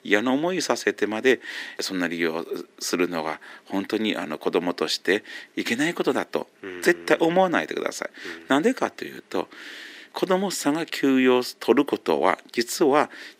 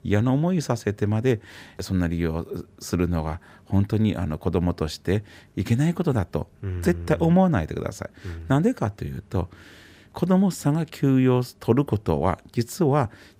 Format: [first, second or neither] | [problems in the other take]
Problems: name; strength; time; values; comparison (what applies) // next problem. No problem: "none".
second | thin; somewhat; fading below 300 Hz